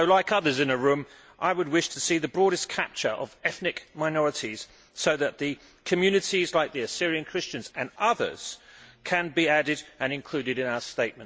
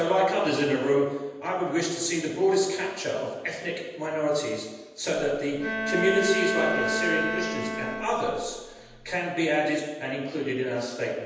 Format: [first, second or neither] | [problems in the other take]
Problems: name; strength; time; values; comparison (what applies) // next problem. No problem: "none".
first | background sound (Bowed string instrument); 3 dB below the speech // room echo; dies away in 1.1 s